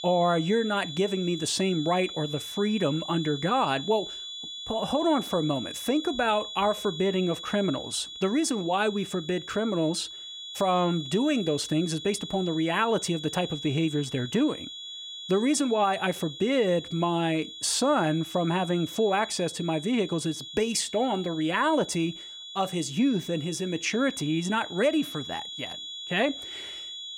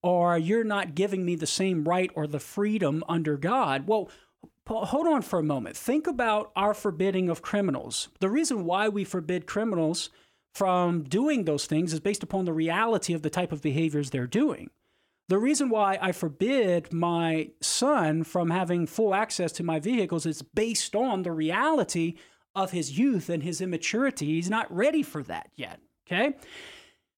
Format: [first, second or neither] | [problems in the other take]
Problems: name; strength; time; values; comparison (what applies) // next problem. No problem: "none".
second | high-pitched whine; noticeable; throughout; 3.5 kHz, 10 dB below the speech